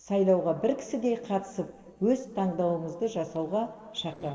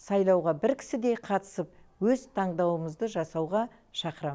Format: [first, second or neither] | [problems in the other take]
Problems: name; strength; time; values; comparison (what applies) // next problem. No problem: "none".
second | noise reduction (neural separator model SepFormer DNS4)